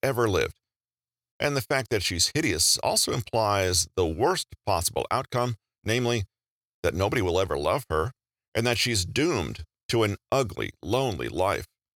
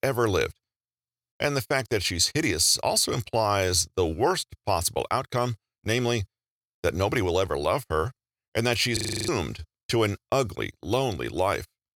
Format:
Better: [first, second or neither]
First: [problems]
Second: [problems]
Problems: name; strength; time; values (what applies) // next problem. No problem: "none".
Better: first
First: none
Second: audio freezing; at 9 s